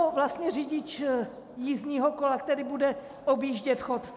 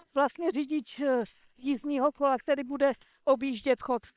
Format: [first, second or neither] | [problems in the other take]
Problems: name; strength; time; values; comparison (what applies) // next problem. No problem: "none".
first | noise reduction (neural separator model SepFormer WHAM!)